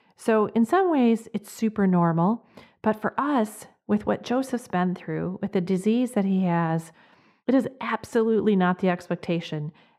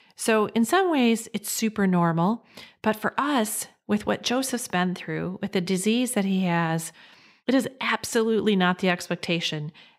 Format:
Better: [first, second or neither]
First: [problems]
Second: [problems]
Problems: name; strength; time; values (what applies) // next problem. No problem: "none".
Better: second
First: muffled; slightly; fading above 2 kHz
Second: none